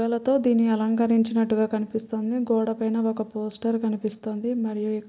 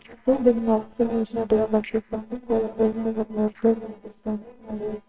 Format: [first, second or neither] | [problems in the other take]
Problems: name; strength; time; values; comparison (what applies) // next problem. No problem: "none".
first | noise reduction (neural separator model SepFormer WHAMR!)